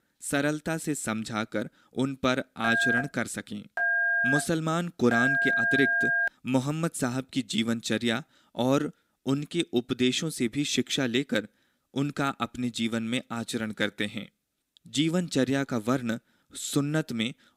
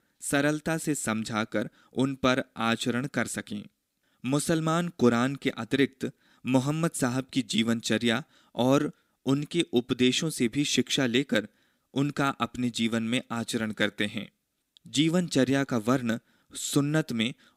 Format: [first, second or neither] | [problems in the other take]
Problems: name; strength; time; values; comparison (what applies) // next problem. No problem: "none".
second | phone ringing; loud; from 2.5 to 6.5 s; peak 5 dB above the speech